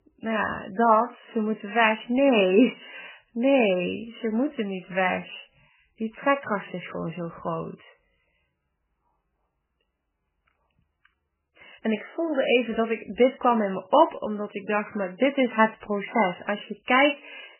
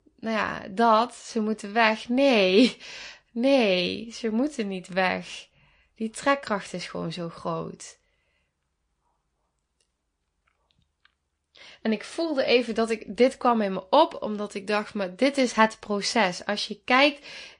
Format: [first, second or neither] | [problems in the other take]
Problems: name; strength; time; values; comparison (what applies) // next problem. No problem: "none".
second | garbled, watery; badly; nothing above 3 kHz; slightly in the second